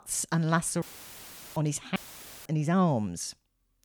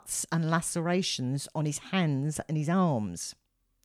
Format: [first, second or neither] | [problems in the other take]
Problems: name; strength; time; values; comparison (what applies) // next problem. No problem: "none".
second | audio cutting out; filled with static; at 1 s for 0.5 s and at 2 s for 0.5 s